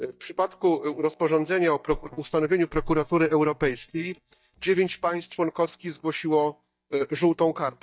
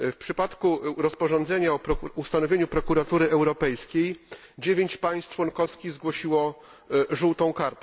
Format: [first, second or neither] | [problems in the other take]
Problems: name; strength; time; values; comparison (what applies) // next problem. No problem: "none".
second | noise reduction (neural mask model DeepFilterNet 3)